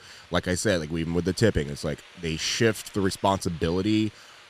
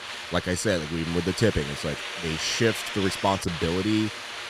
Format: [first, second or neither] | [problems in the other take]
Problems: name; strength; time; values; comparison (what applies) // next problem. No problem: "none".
first | hiss; loud; throughout; 6 dB below the speech; faint in the first